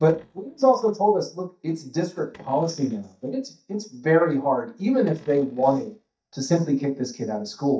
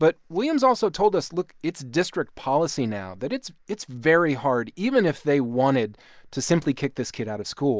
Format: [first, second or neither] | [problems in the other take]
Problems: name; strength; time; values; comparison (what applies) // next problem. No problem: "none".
second | noise reduction (neural mask model DeepFilterNet 3)